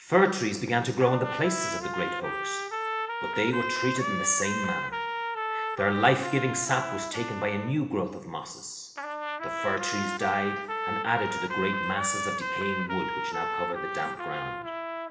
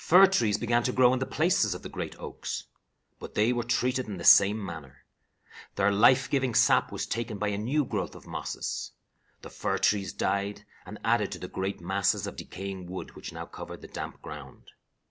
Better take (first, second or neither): second